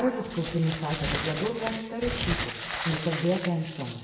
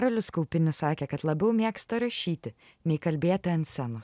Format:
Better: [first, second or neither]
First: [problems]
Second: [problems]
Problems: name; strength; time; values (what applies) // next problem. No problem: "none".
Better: second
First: background sound (Crumpling, crinkling); 5 dB below the speech // room echo; dies away in 1 s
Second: none